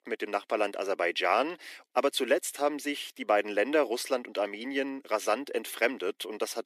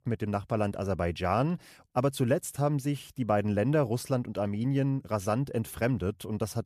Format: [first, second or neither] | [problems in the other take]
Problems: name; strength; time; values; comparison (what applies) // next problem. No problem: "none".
second | thin; somewhat; fading below 300 Hz